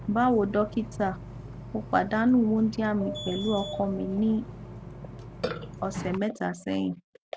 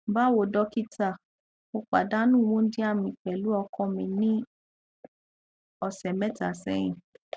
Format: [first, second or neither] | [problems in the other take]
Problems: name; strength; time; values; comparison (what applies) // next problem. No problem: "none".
second | background sound (Burping, eructation); 11 dB below the speech